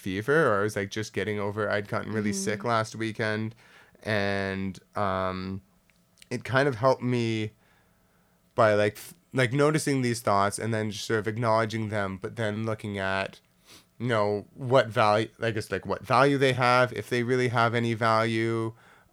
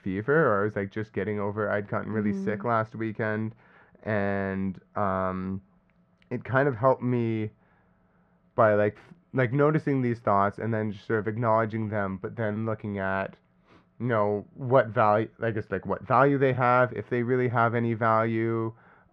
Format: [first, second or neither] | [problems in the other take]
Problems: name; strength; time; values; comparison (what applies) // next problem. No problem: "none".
first | muffled; very; fading above 1.5 kHz